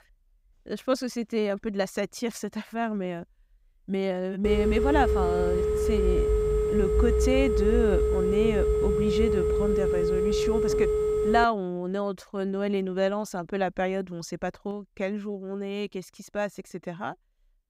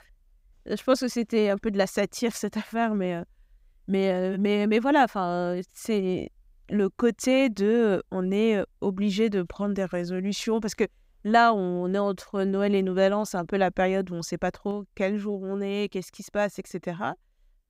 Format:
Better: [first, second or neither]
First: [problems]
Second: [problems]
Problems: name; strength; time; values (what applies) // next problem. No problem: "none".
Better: second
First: phone ringing; loud; from 4.5 to 11 s; peak 6 dB above the speech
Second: none